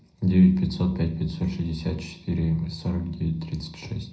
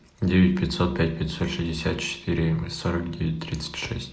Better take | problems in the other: second | room echo; dies away in 0.3 s

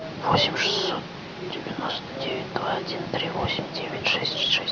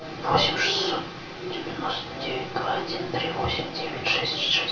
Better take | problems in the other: first | room echo; dies away in 0.3 s

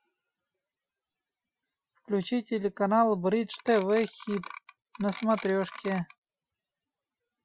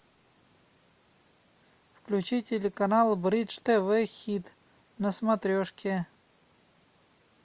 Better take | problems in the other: second | noise reduction (classical method Wiener filter)

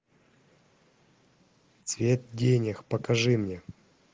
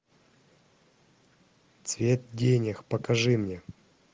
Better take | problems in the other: second | noise reduction (neural mask model Resemble Enhance denoiser)

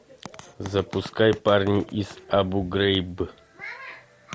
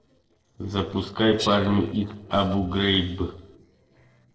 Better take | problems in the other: first | noise reduction (neural separator model SepFormer DNS4)

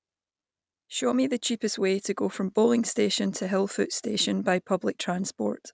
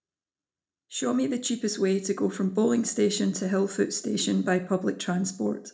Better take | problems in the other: first | room echo; dies away in 0.3 s

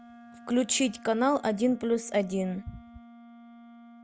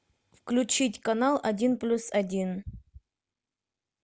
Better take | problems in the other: second | background sound (Wind instrument, woodwind instrument); 20 dB below the speech

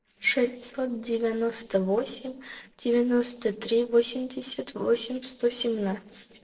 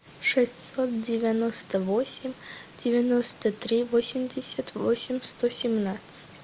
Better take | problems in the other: second | noise reduction (neural separator model SepFormer DNS4)

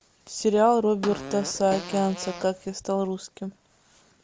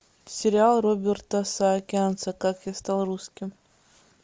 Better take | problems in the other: second | background sound (Fart); 11 dB below the speech

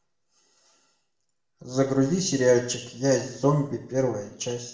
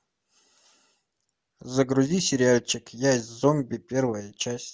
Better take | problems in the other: second | room echo; dies away in 0.7 s

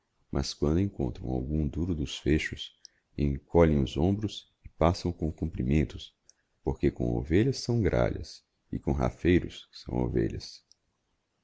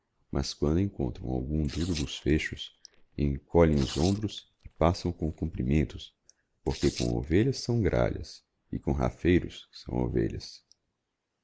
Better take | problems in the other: first | noise reduction (neural mask model Resemble Enhance denoiser)

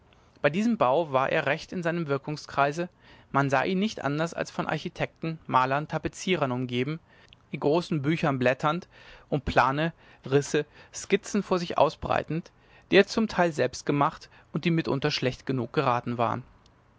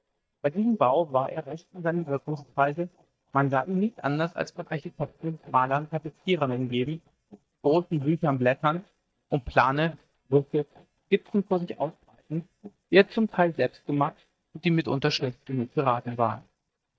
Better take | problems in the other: first | noise reduction (neural mask model DeepFilterNet 3)

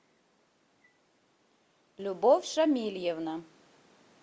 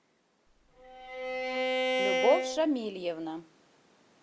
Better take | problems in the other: first | background sound (Bowed string instrument); 3 dB above the speech

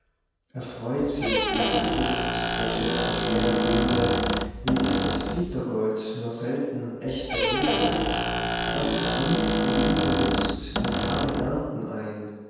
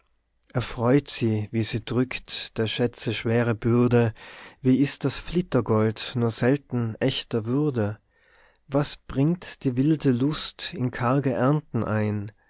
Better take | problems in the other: second | background sound (Squeak); 2 dB above the speech // room echo; dies away in 1.2 s

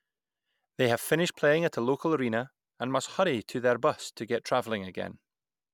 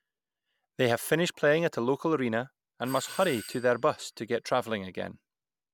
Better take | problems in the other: first | background sound (Doorbell); 18 dB below the speech

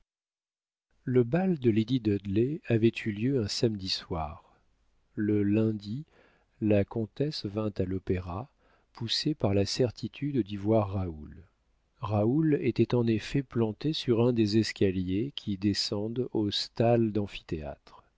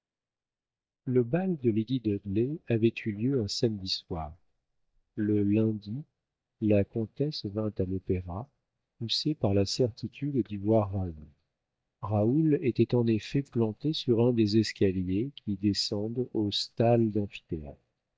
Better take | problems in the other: first | noise reduction (neural mask model DeepFilterNet 3)

